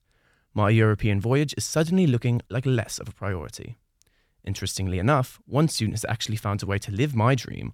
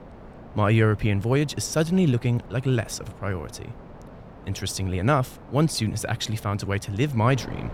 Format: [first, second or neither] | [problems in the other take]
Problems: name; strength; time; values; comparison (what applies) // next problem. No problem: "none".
first | wind noise on the microphone; occasional gusts; 20 dB below the speech